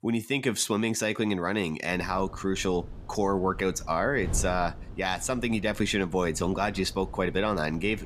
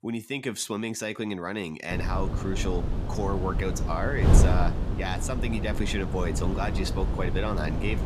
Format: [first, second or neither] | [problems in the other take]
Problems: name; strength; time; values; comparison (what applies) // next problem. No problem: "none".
first | wind noise on the microphone; heavy; from 2 s on; 5 dB below the speech; occasional gusts in the first